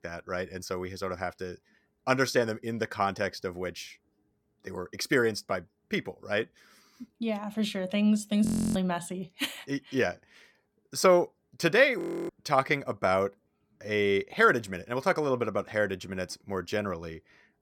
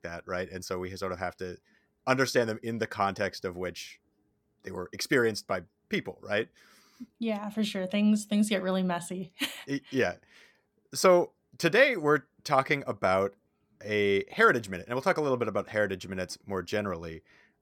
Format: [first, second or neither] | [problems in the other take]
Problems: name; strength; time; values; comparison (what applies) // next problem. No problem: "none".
second | audio freezing; at 8.5 s and at 12 s